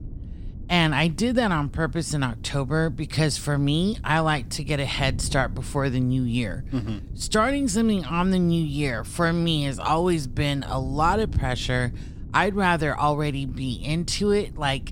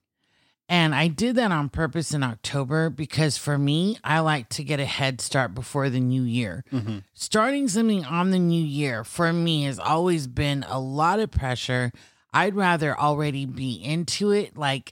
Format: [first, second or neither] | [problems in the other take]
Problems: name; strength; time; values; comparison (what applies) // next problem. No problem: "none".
second | wind noise on the microphone; occasional gusts; 25 dB below the speech